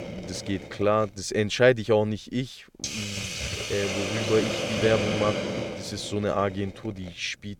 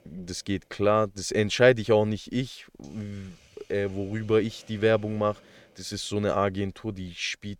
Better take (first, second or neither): second